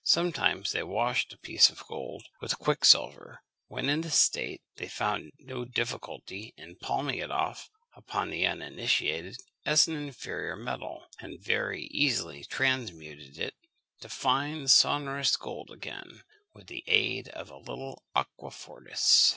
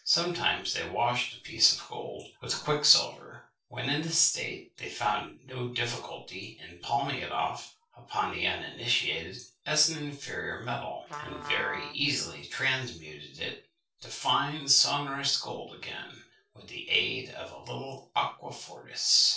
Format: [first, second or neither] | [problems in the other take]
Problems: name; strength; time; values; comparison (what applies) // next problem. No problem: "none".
first | noise reduction (neural separator model SepFormer DNS4)